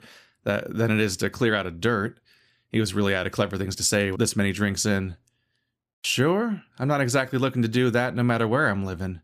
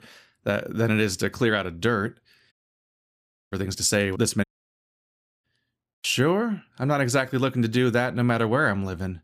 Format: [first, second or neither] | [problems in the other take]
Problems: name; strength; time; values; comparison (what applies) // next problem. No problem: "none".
first | audio cutting out; at 2.5 s for 1 s and at 4.5 s for 1 s